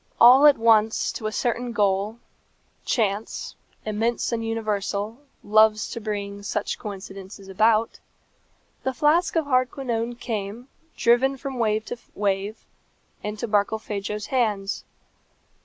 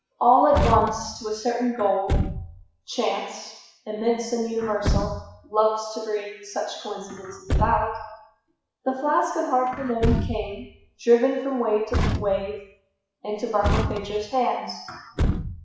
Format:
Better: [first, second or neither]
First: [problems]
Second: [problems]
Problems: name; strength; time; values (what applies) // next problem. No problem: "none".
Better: first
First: none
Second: noise reduction (classical method WPE with log-MMSE)